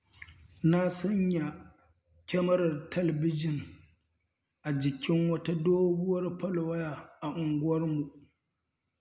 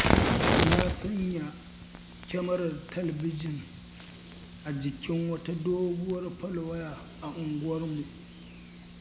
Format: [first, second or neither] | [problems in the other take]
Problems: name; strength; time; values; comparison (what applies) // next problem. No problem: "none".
first | background sound (Fire); as loud as the speech